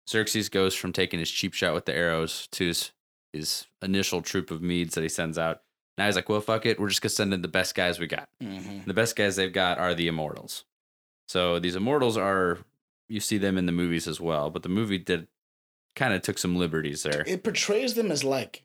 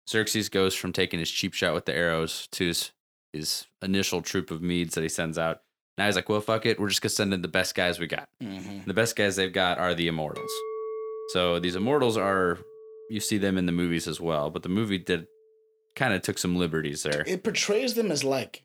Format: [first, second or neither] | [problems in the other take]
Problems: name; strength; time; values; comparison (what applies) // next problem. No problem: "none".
first | clattering dishes; noticeable; from 10 to 14 s; peak 7 dB below the speech